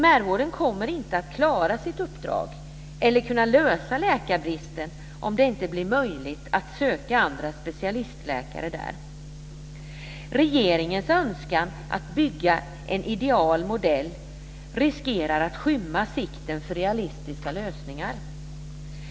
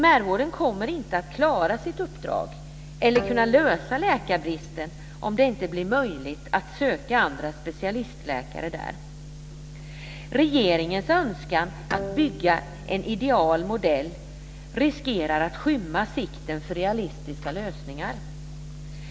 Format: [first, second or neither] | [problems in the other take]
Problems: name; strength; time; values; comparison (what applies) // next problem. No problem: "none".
first | background sound (Bowed string instrument); 15 dB below the speech